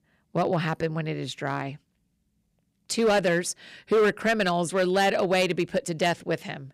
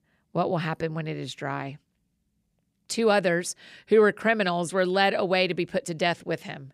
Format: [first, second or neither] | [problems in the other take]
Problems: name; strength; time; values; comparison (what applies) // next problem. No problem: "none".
second | distortion; slight; 5% of the sound clipped